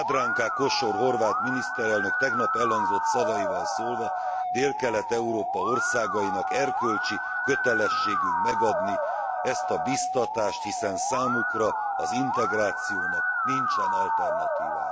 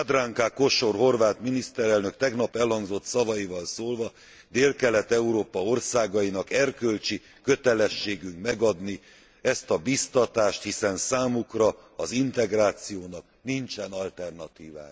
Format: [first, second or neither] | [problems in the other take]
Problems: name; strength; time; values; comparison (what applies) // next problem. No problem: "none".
second | background sound (Musical instrument); 3 dB above the speech